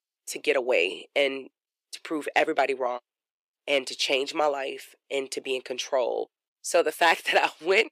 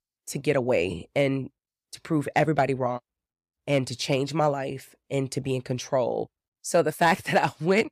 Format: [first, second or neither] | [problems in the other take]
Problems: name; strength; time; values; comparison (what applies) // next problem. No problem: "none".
second | thin; somewhat; fading below 350 Hz